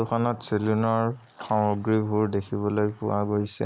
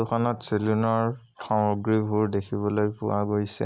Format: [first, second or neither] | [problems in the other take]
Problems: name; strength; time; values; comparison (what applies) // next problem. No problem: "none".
second | noise reduction (neural mask model Resemble Enhance denoiser)